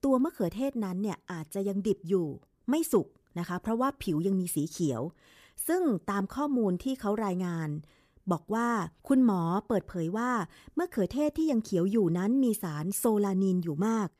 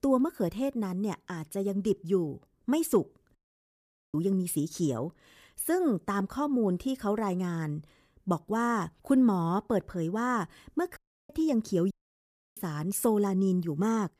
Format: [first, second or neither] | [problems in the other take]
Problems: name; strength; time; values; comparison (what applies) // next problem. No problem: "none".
first | audio cutting out; at 3.5 s for 1 s, at 11 s and at 12 s for 0.5 s